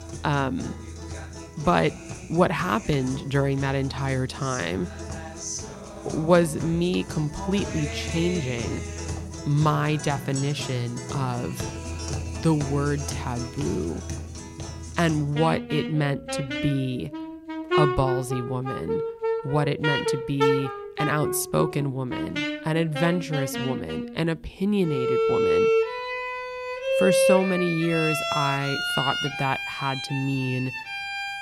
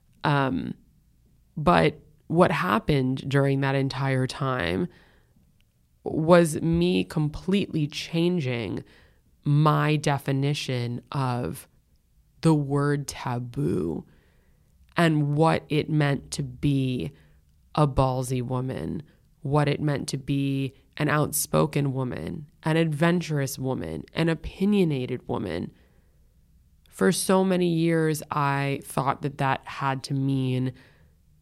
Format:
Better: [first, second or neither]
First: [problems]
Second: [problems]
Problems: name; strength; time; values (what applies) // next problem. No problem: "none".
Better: second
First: background music; loud; throughout; 3 dB below the speech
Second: none